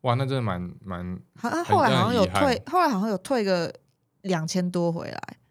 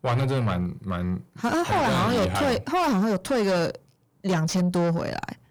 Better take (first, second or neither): first